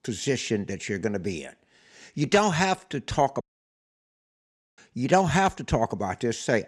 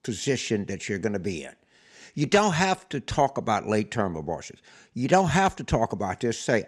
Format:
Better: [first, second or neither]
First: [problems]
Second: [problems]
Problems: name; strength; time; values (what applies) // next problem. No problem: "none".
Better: second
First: audio cutting out; at 3.5 s for 1.5 s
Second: none